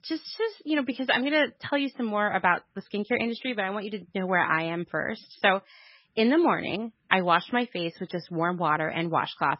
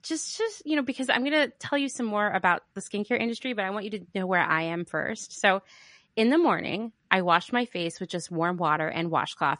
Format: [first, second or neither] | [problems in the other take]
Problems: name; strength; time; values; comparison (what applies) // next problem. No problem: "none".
second | garbled, watery; badly; nothing above 5.5 kHz; slightly in the second